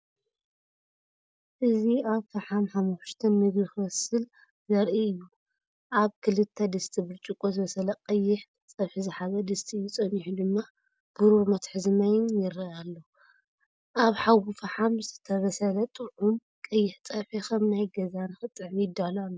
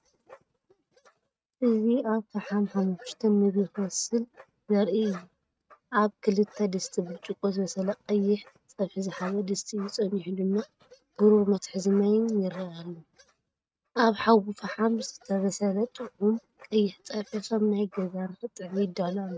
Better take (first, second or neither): first